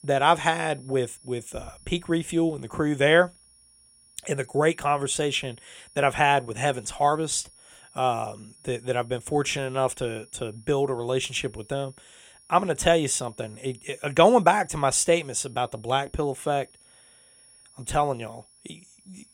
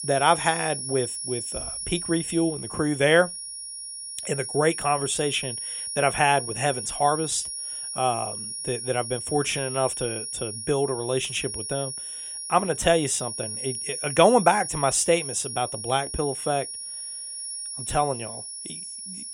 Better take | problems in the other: first | high-pitched whine; loud; throughout; 10.5 kHz, 6 dB below the speech; faint in the first

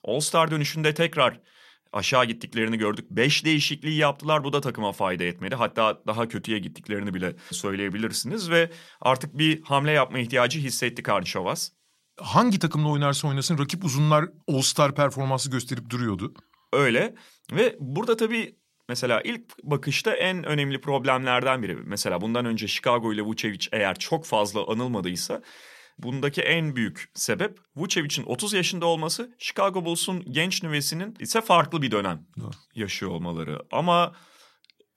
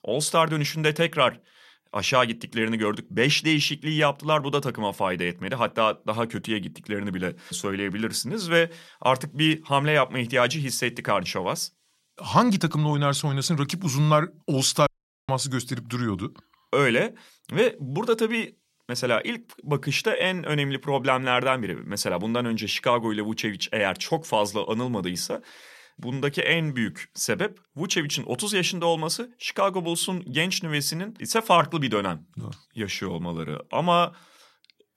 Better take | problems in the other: first | audio cutting out; at 15 s

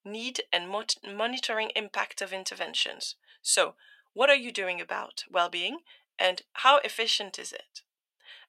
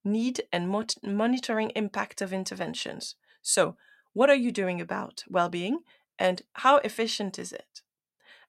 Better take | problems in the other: second | thin; somewhat; fading below 550 Hz

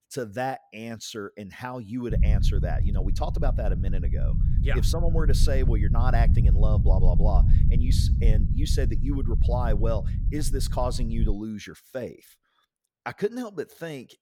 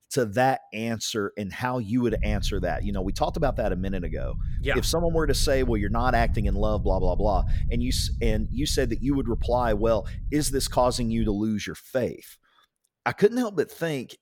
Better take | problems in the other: second | low rumble; loud; from 2 to 11 s; 7 dB below the speech; faint in the second

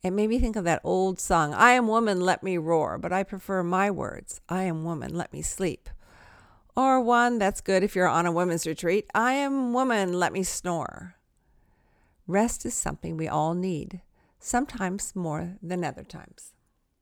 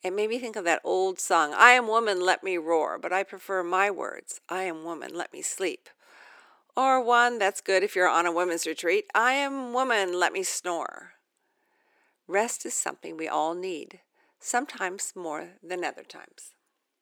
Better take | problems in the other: first | thin; somewhat; fading below 350 Hz

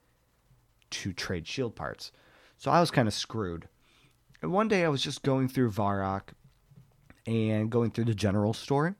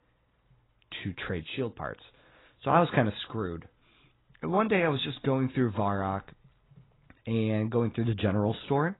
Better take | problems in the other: first | garbled, watery; badly; nothing above 4 kHz

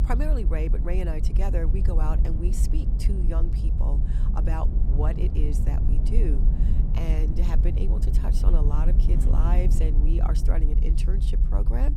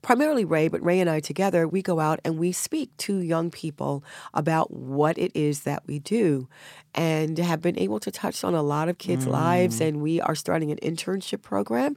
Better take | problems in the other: second | low rumble; loud; throughout; 5 dB below the speech

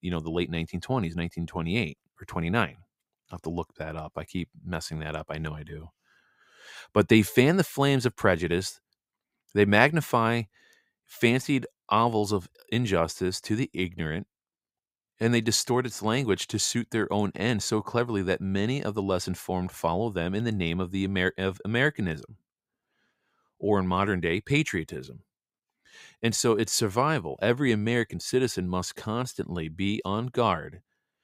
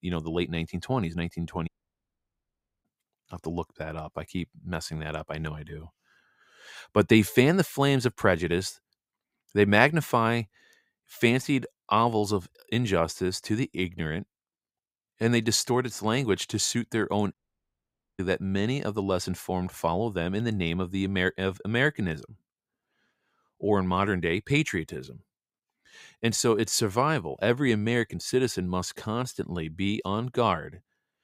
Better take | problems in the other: first | audio cutting out; at 1.5 s for 1 s and at 17 s for 1 s

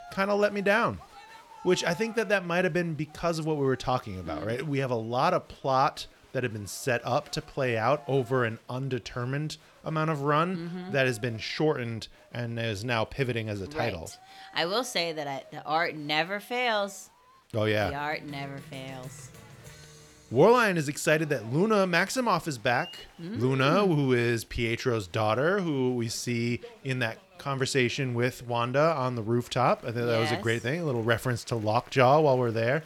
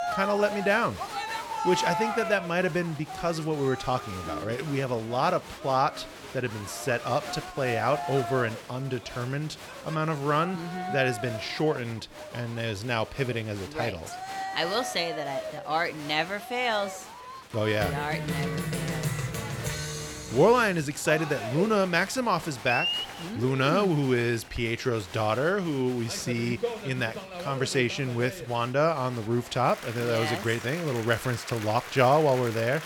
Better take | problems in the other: first | crowd noise; loud; throughout; 8 dB below the speech; faint in the first

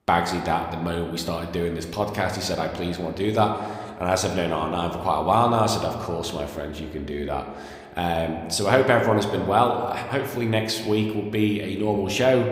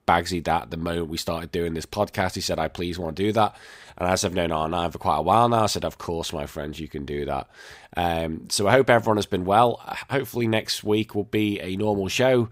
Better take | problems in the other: second | room echo; slight; dies away in 1.4 s

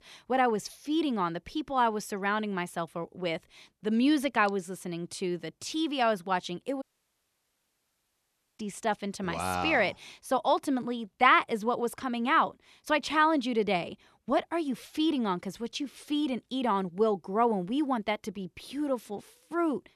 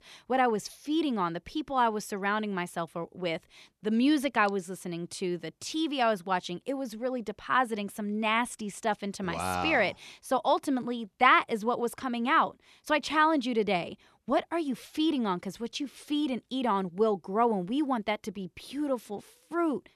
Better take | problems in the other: second | audio cutting out; at 7 s for 2 s

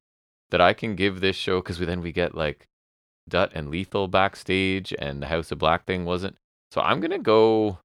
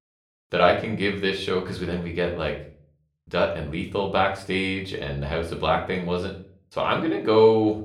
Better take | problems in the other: first | room echo; slight; dies away in 0.4 s // off-mic speech; somewhat distant

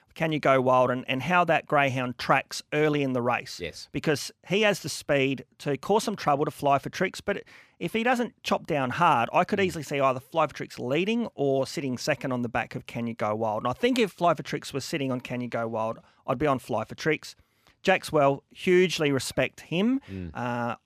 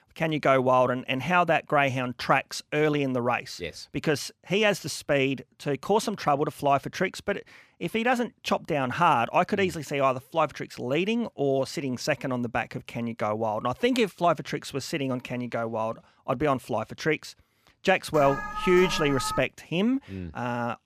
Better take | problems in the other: first | alarm; noticeable; from 18 to 19 s; peak 5 dB below the speech

